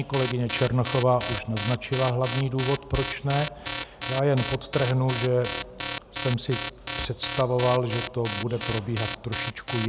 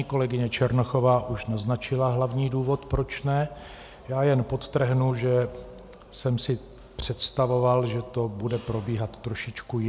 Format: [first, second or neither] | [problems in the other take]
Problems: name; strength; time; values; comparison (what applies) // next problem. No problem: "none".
second | background sound (Alarm); 8 dB below the speech